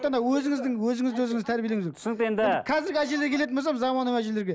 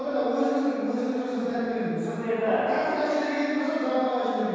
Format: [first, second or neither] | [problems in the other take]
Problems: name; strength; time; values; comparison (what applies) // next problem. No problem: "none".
first | room echo; dies away in 2.2 s